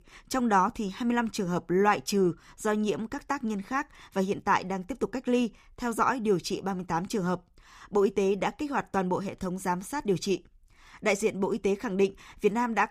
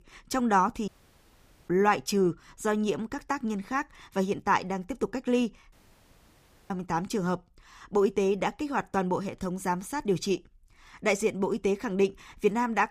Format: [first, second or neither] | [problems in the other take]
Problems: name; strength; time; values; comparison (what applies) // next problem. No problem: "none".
first | audio cutting out; at 1 s for 1 s and at 5.5 s for 1 s